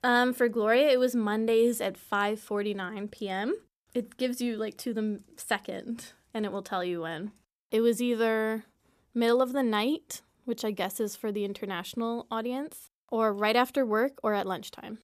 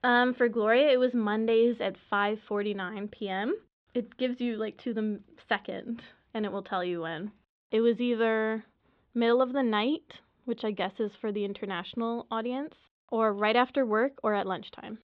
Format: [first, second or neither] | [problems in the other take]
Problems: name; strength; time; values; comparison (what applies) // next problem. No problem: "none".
first | muffled; slightly; fading above 3.5 kHz